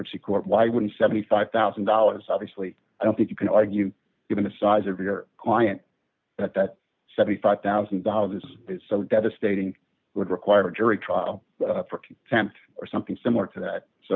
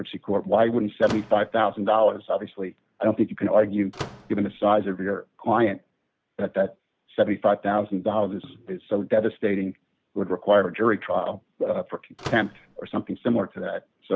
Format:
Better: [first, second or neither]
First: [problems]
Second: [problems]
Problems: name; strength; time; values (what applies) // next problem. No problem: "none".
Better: first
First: none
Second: background sound (Slam / Microwave oven); 15 dB below the speech